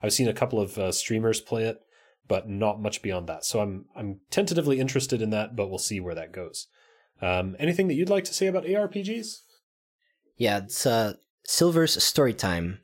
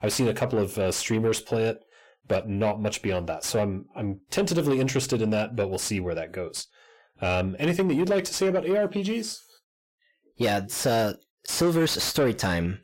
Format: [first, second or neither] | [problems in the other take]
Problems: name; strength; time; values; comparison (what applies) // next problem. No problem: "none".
first | distortion; slight; 10 dB below the speech